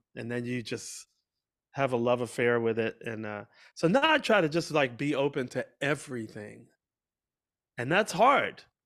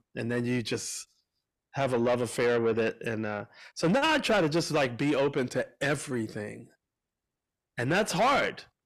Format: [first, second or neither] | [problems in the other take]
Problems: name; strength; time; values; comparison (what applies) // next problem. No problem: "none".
first | distortion; heavy; 7 dB below the speech